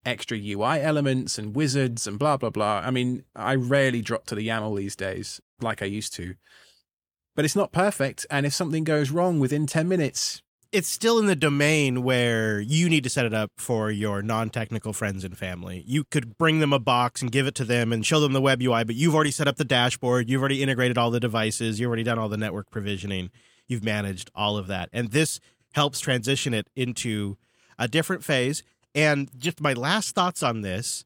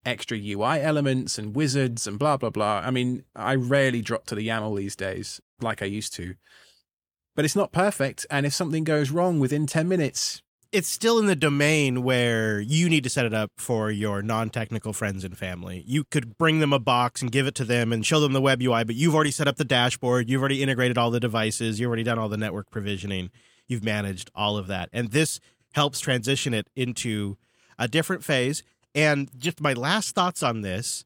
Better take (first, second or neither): neither